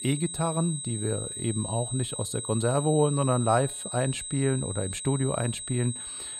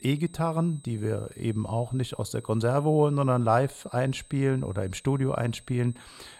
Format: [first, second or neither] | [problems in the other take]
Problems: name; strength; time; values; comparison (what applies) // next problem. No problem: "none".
second | high-pitched whine; loud; throughout; 8 kHz, 6 dB below the speech; faint in the second